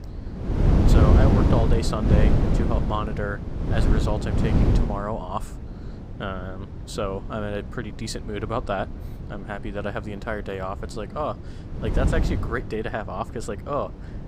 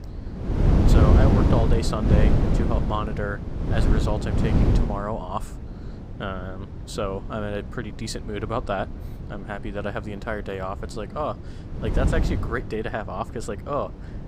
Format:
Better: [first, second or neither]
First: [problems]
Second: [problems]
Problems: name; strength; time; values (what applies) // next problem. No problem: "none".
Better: neither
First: wind noise on the microphone; heavy; 1 dB below the speech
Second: wind noise on the microphone; heavy; 1 dB below the speech